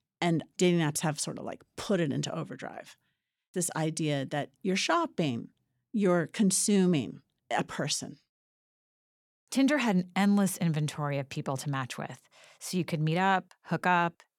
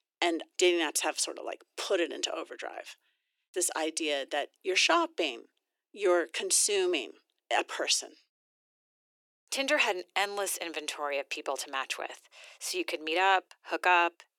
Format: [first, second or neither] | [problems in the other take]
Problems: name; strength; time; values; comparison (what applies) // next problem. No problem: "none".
first | thin; very; fading below 350 Hz